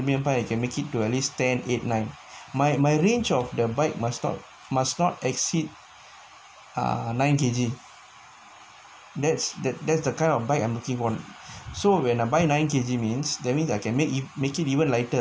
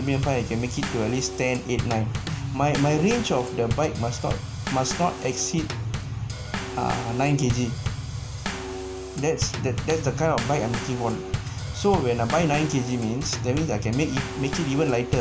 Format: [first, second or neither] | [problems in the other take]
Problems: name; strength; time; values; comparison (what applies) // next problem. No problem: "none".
first | background sound (Bass drum / Snare drum / Drum kit); 5 dB below the speech